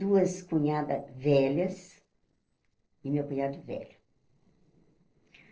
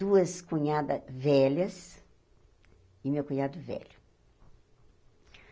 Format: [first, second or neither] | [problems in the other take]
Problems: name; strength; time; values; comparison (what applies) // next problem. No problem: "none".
second | noise reduction (neural separator model SepFormer DNS4)